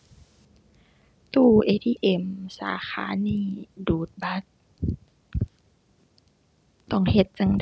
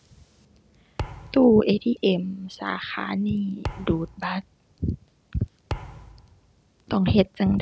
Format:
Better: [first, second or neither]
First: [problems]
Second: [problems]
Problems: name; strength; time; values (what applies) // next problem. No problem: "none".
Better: first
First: none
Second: background sound (Thump, thud); 14 dB below the speech